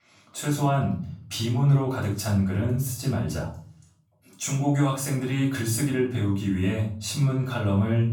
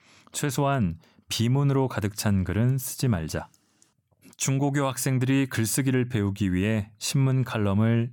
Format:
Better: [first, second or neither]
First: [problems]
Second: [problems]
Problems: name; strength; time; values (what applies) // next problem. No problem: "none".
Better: second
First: off-mic speech; far // room echo; noticeable; dies away in 0.4 s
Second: none